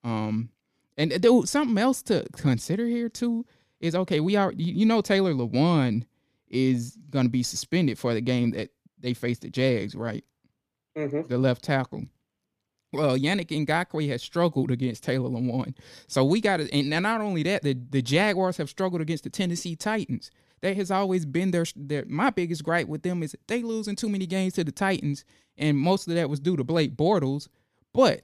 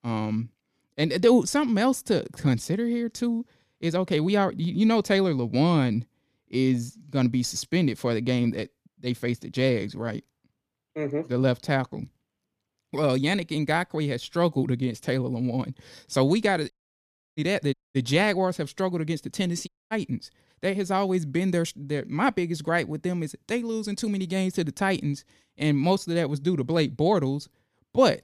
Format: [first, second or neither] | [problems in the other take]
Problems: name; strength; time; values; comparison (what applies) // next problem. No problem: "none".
first | audio cutting out; at 17 s for 0.5 s, at 18 s and at 20 s